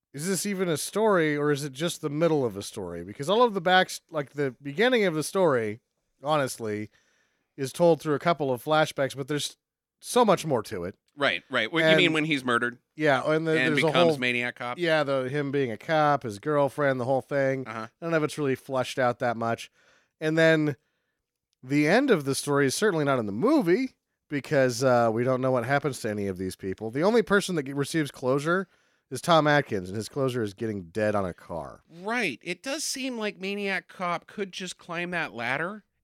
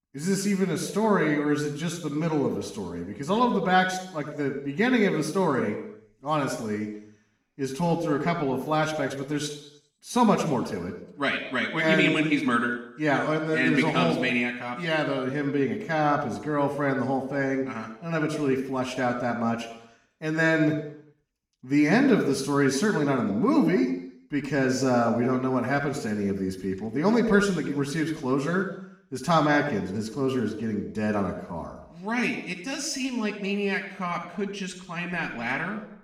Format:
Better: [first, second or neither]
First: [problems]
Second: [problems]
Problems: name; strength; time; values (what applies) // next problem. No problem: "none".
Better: first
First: none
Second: room echo; noticeable; dies away in 0.8 s // off-mic speech; far